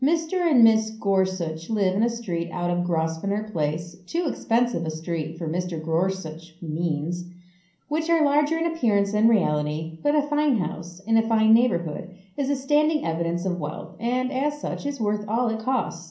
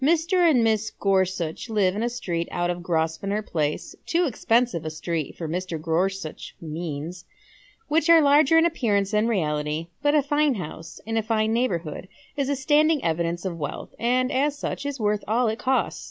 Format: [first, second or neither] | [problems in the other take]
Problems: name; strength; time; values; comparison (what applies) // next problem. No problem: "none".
second | room echo; dies away in 0.6 s